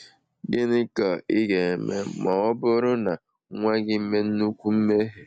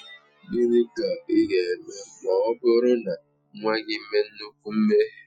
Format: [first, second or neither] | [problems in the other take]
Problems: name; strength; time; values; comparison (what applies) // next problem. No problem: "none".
first | noise reduction (classical method Wiener filter)